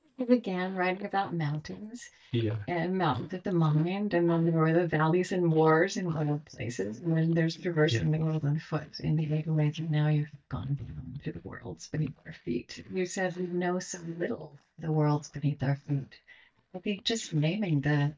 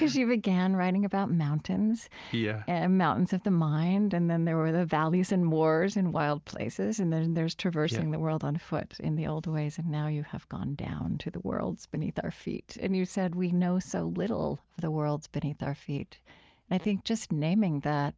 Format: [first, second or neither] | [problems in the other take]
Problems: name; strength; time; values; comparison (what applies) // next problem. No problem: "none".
second | noise reduction (neural mask model DeepFilterNet 3)